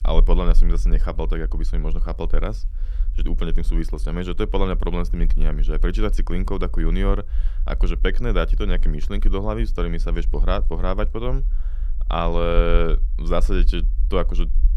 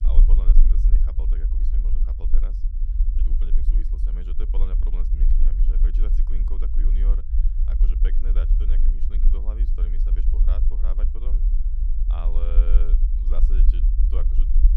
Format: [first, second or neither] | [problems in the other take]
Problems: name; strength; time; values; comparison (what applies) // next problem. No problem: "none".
first | low rumble; loud; throughout; 2 dB below the speech; faint in the first